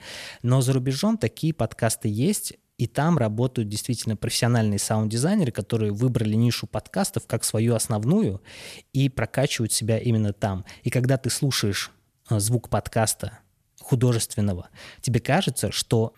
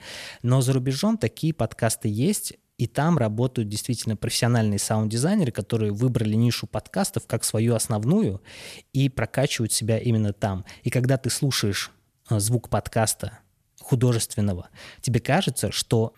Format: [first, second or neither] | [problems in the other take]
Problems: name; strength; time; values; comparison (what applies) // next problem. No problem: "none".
neither | none